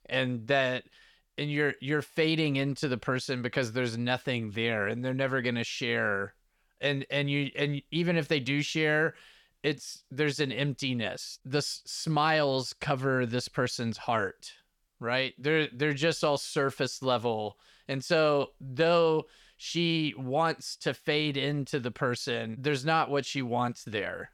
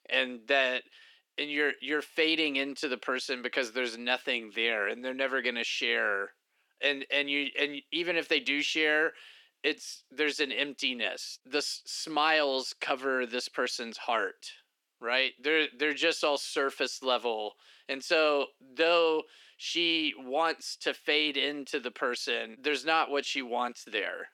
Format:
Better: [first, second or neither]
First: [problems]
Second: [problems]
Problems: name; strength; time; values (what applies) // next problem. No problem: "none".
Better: first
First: none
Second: thin; somewhat; fading below 300 Hz